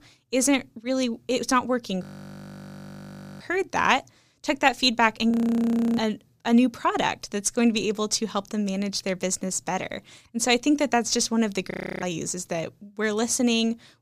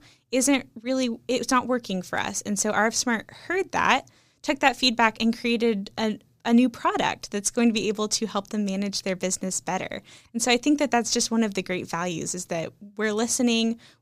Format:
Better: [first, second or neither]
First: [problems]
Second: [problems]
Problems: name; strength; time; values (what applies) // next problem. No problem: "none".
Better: second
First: audio freezing; at 2 s for 1.5 s, at 5.5 s for 0.5 s and at 12 s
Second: none